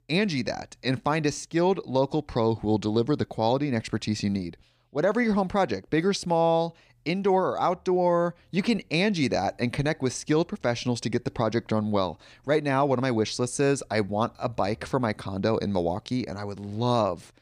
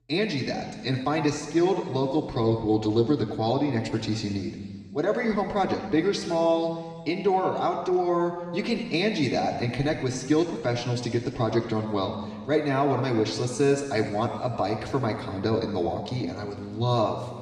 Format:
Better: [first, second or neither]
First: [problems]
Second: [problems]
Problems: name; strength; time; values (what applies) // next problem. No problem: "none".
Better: first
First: none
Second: room echo; noticeable; dies away in 1.7 s // off-mic speech; far